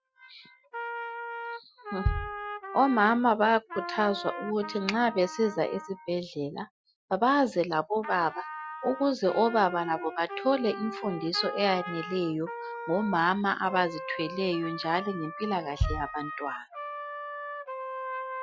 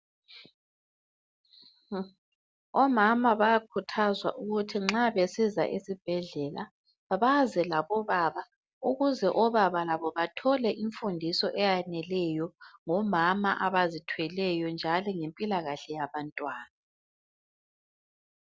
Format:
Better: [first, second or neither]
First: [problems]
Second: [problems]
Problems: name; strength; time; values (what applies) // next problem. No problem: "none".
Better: second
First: noise reduction (classical method Wiener filter)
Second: none